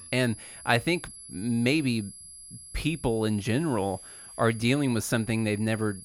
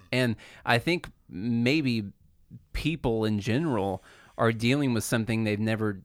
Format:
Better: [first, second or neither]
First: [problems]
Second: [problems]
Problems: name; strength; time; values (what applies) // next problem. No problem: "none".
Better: second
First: high-pitched whine; noticeable; throughout; 11 kHz, 15 dB below the speech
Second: none